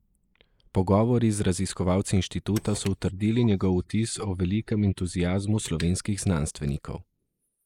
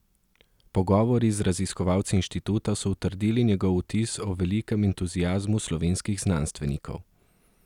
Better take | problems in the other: second | noise reduction (neural mask model Resemble Enhance denoiser)

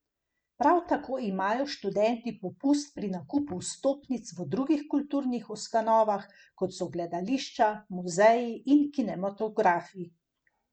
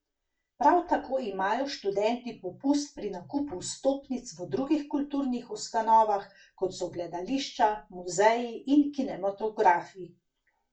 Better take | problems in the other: first | room echo; dies away in 0.2 s

